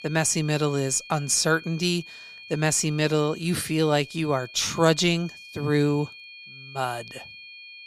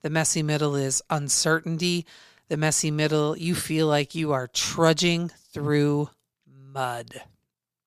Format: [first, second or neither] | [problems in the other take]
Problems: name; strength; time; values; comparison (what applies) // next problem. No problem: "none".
second | high-pitched whine; noticeable; throughout; 2.5 kHz, 15 dB below the speech